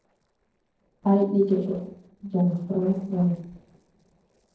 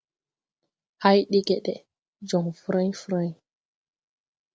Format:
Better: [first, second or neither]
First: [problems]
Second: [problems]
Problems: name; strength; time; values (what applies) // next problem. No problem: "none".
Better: second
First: noise reduction (neural separator model SepFormer DNS4)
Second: none